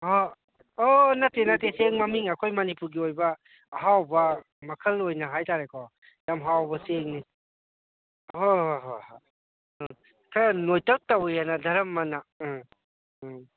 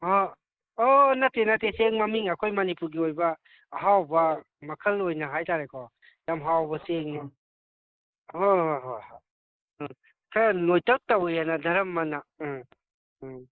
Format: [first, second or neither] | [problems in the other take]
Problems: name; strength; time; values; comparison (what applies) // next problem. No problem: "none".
first | noise reduction (neural mask model Resemble Enhance denoiser)